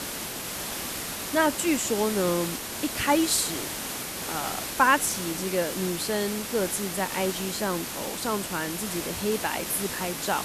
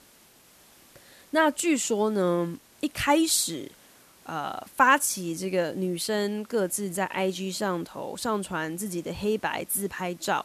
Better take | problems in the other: second | hiss; loud; throughout; 4 dB below the speech; faint in the second

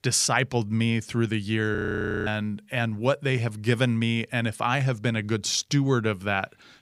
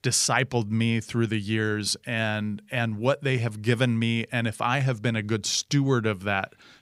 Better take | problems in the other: second | audio freezing; at 2 s for 0.5 s

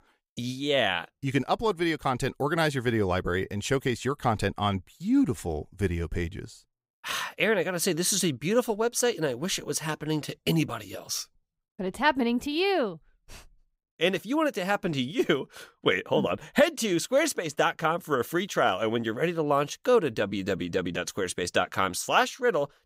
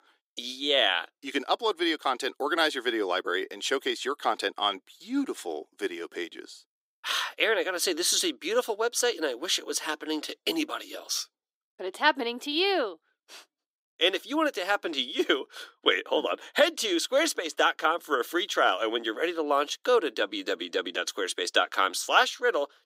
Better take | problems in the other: first | thin; somewhat; fading below 300 Hz

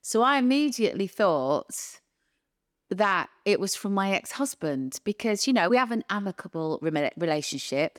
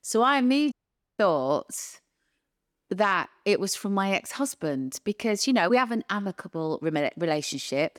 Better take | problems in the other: first | audio cutting out; at 0.5 s

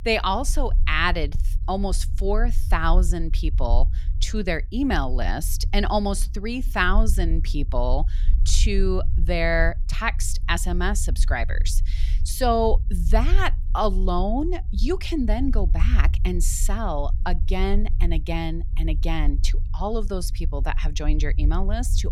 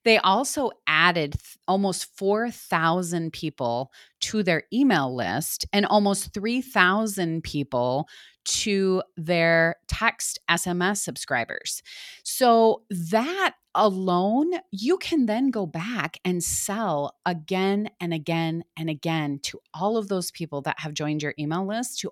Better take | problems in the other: second | low rumble; faint; throughout; 20 dB below the speech

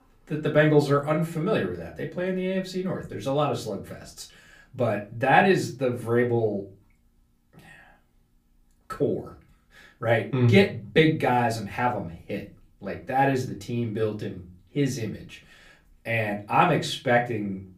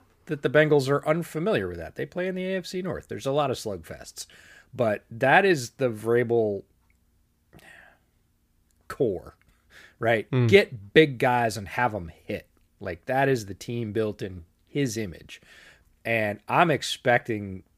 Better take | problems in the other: second | off-mic speech; far // room echo; very slight; dies away in 0.3 s

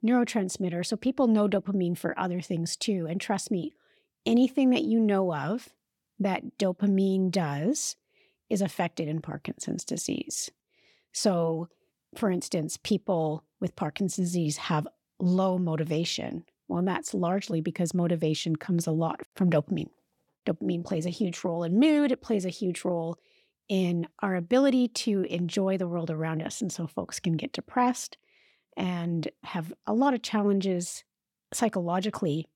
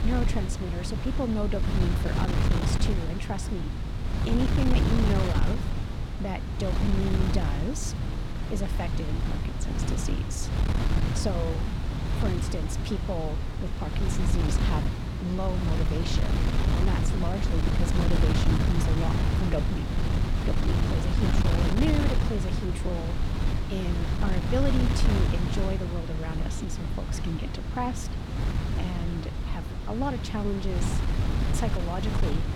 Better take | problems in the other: first | wind noise on the microphone; heavy; as loud as the speech

